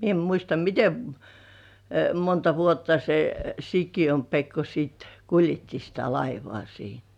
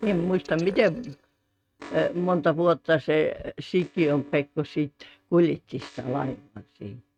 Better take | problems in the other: first | noise reduction (neural mask model RNNoise)

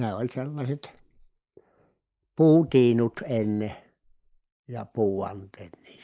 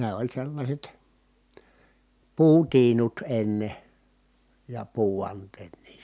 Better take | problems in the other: second | noise reduction (neural mask model Resemble Enhance denoiser)

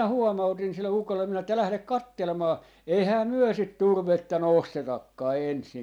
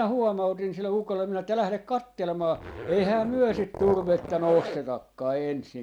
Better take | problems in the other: first | background sound (Zipper (clothing)); 10 dB below the speech

